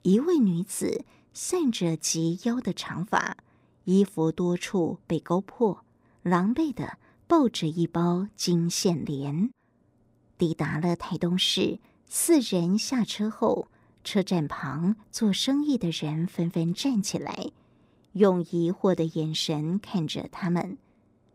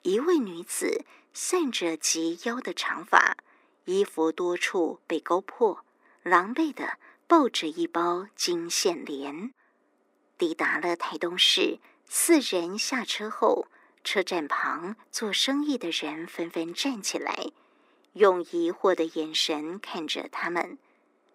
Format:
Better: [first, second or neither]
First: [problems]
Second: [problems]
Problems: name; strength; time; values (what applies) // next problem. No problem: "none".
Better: first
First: none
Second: thin; somewhat; fading below 300 Hz